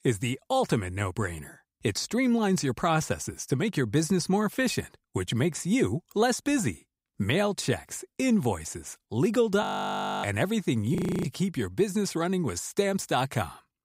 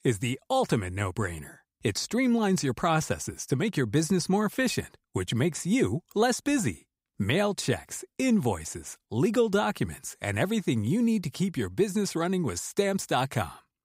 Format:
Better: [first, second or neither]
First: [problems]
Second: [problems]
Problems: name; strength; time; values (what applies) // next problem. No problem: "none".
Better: second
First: audio freezing; at 9.5 s for 0.5 s and at 11 s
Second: none